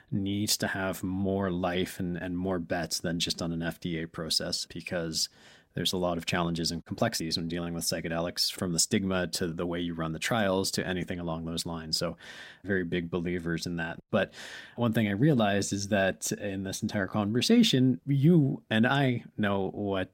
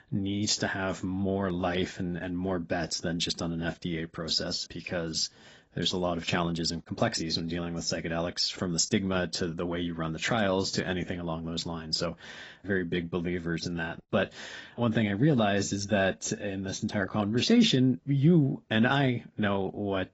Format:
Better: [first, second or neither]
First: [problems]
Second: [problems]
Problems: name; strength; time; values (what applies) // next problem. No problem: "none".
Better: first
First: none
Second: garbled, watery; badly; nothing above 7.5 kHz